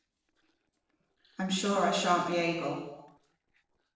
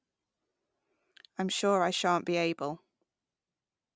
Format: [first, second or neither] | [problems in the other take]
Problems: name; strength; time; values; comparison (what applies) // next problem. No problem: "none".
second | noise reduction (neural separator model SepFormer DNS4)